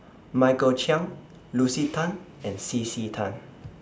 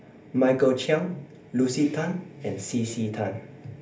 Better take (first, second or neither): first